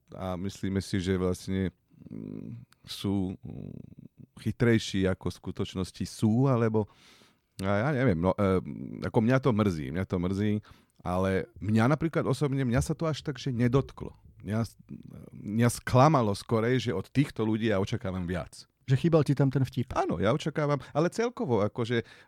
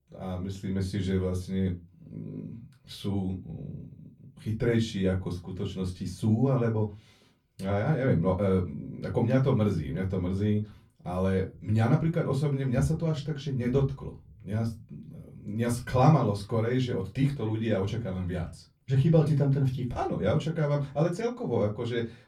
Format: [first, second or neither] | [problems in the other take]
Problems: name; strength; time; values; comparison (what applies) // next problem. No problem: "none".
first | off-mic speech; far // room echo; very slight; dies away in 0.2 s